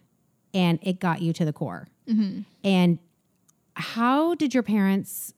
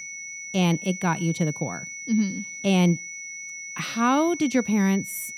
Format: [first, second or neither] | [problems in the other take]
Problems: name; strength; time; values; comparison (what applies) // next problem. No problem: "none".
first | high-pitched whine; loud; throughout; 2 kHz, 10 dB below the speech